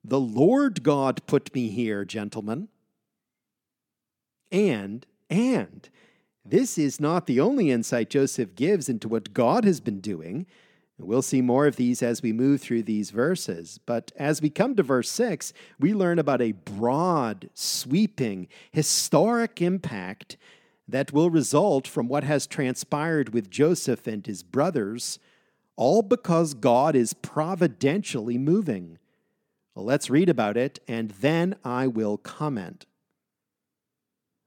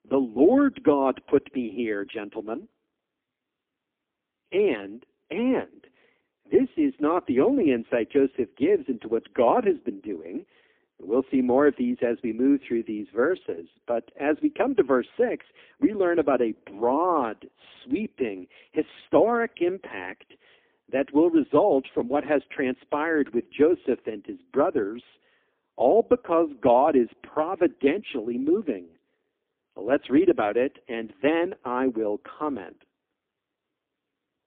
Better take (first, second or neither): first